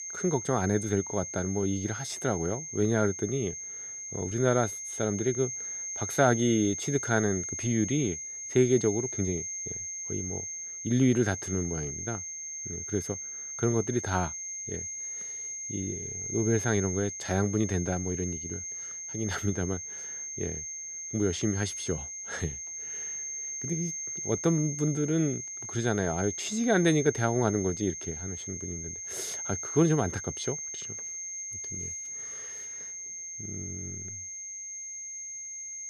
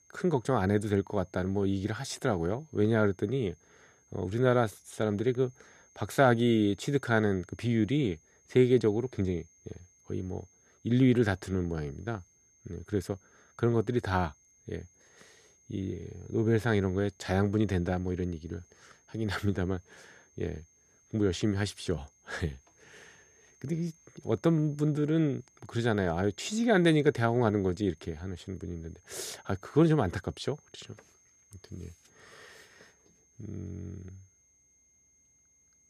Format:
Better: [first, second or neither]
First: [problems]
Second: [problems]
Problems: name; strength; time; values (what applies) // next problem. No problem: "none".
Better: second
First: high-pitched whine; loud; throughout; 6.5 kHz, 5 dB below the speech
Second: high-pitched whine; faint; throughout; 6.5 kHz, 30 dB below the speech